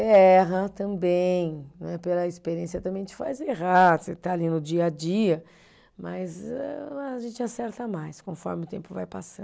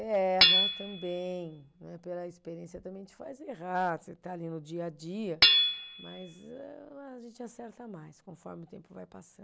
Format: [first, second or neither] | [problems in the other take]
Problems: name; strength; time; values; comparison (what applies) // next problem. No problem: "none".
first | background sound (Hammer / Chink, clink); 4 dB above the speech